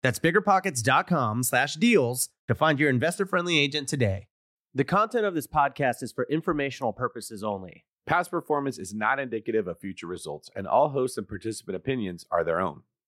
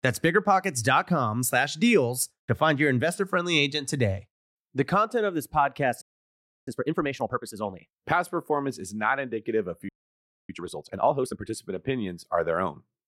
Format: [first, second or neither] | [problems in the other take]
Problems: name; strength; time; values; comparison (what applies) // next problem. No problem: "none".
first | audio freezing; at 6 s for 0.5 s and at 10 s for 0.5 s